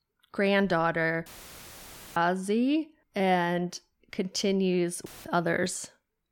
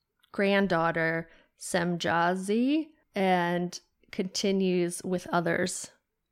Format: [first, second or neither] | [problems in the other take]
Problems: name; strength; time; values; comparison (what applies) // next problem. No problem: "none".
second | audio cutting out; filled with static; at 1.5 s for 1 s and at 5 s